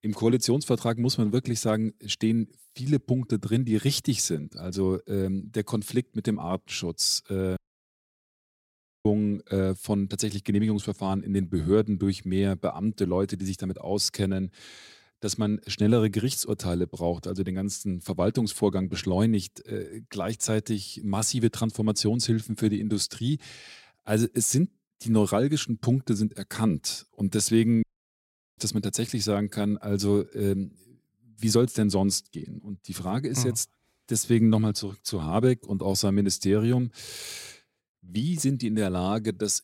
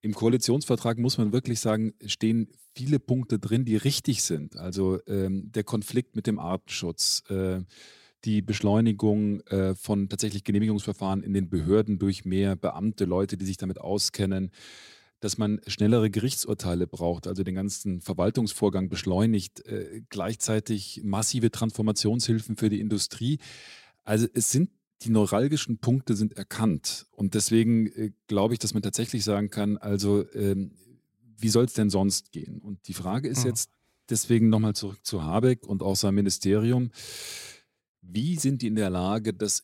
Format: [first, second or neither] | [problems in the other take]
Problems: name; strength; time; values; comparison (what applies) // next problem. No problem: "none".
second | audio cutting out; at 7.5 s for 1.5 s and at 28 s for 1 s